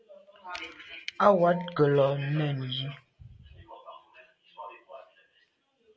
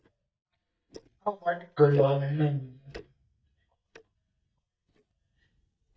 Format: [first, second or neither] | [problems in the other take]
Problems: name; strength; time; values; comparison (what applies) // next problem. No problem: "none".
first | noise reduction (neural mask model DeepFilterNet 3)